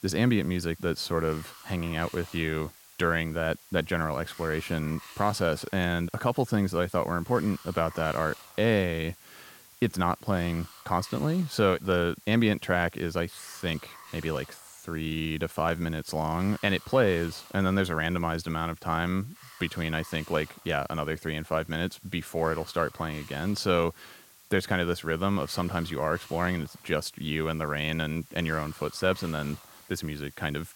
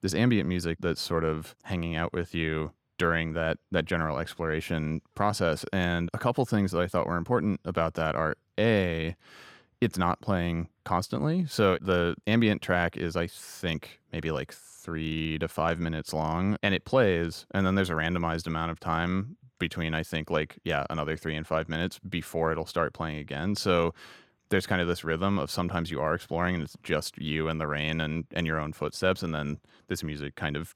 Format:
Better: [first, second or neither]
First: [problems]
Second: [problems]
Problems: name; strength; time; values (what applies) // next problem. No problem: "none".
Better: second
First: hiss; noticeable; throughout; 20 dB below the speech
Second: none